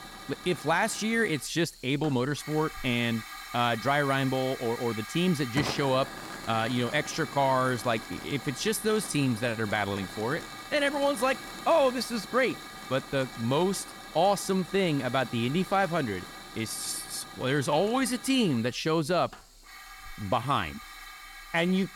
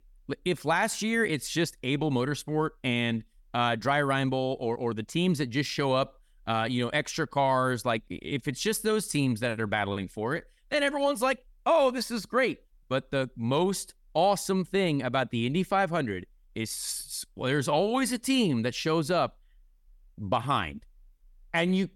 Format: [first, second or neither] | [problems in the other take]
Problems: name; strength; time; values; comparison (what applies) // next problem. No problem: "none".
second | hiss; noticeable; throughout; 15 dB below the speech